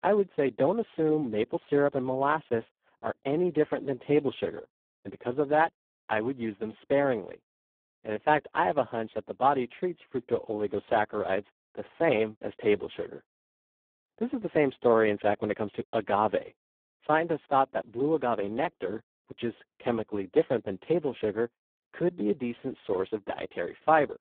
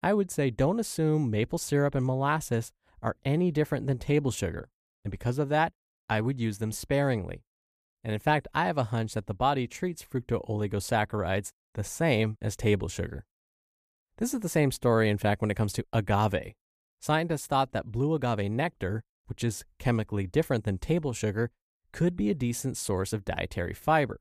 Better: second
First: phone-call audio; poor line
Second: none

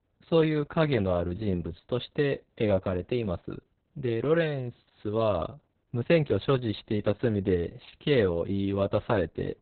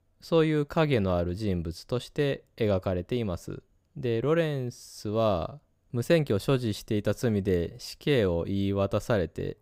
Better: second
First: garbled, watery; badly; nothing above 4 kHz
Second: none

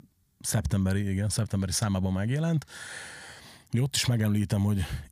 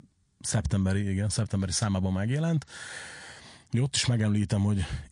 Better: first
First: none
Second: garbled, watery; slightly; nothing above 9 kHz

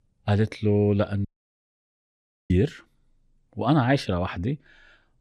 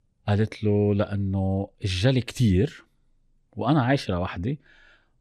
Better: second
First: audio cutting out; at 1.5 s for 1.5 s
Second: none

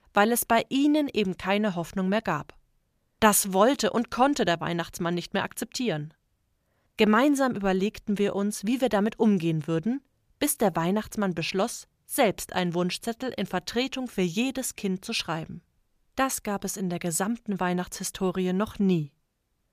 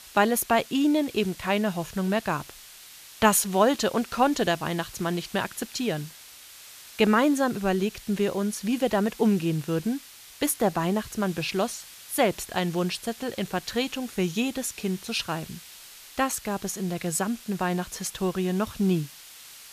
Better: first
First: none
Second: hiss; noticeable; throughout; 15 dB below the speech

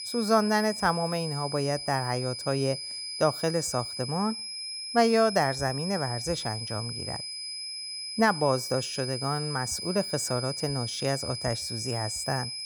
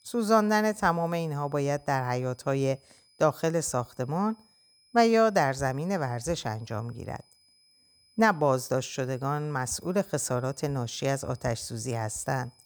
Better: second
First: high-pitched whine; loud; throughout; 5 kHz, 5 dB below the speech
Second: high-pitched whine; faint; throughout; 5 kHz, 30 dB below the speech

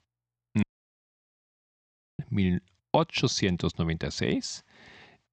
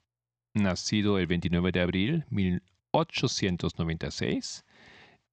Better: second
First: audio cutting out; at 0.5 s for 1.5 s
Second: none

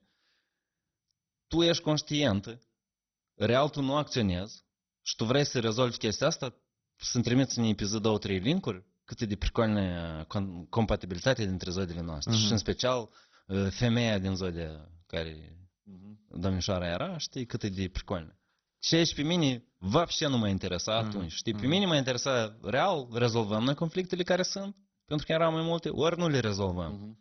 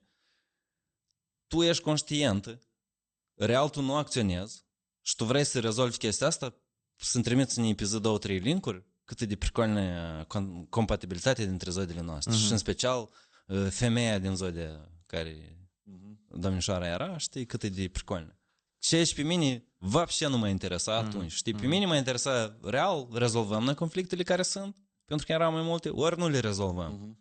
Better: second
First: garbled, watery; badly; nothing above 6 kHz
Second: garbled, watery; slightly; nothing above 8.5 kHz

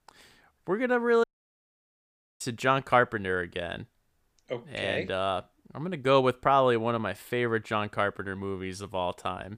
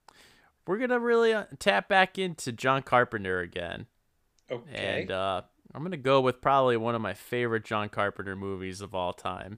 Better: second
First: audio cutting out; at 1 s for 1 s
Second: none

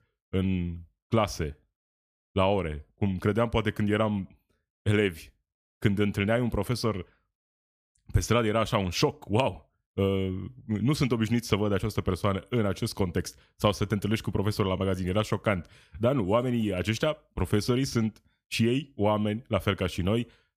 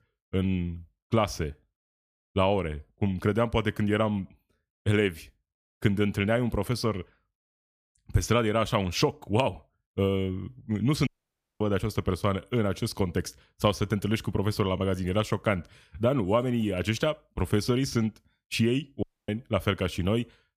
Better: first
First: none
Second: audio cutting out; at 11 s for 0.5 s and at 19 s

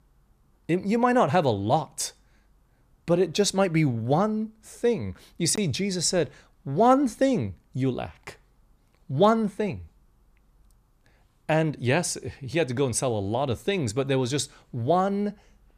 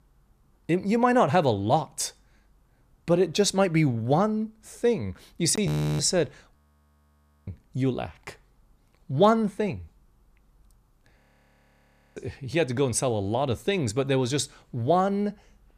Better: first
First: none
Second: audio freezing; at 5.5 s, at 6.5 s for 1 s and at 11 s for 1 s

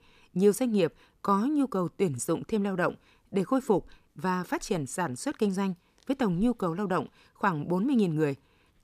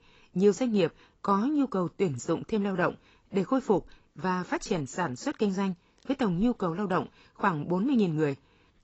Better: first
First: none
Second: garbled, watery; badly; nothing above 7.5 kHz

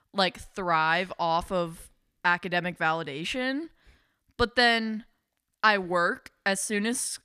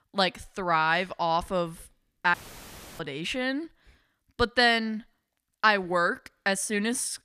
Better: first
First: none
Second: audio cutting out; filled with static; at 2.5 s for 0.5 s

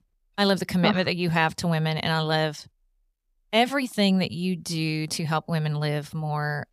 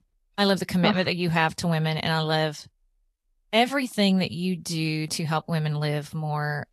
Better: first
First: none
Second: garbled, watery; slightly; nothing above 12.5 kHz

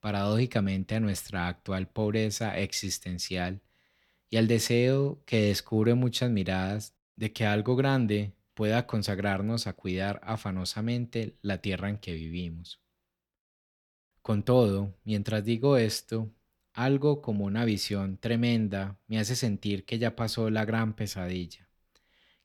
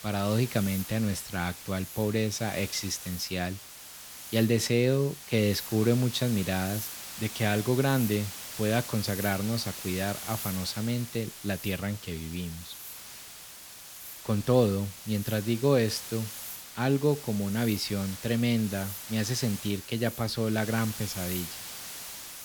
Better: first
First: none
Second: hiss; loud; throughout; 10 dB below the speech

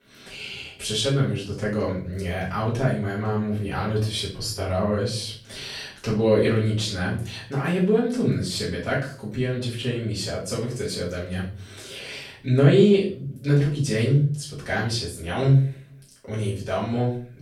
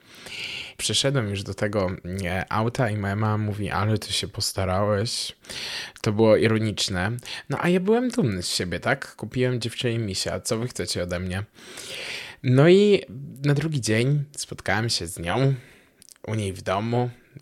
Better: second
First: off-mic speech; far // room echo; noticeable; dies away in 0.5 s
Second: none

